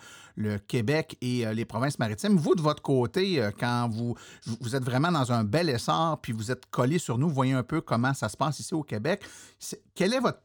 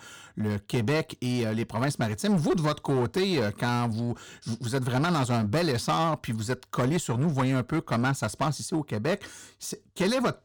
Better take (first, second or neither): first